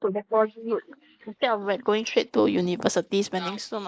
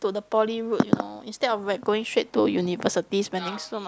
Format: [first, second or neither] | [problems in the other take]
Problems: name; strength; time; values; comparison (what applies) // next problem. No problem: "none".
second | noise reduction (neural mask model Resemble Enhance denoiser)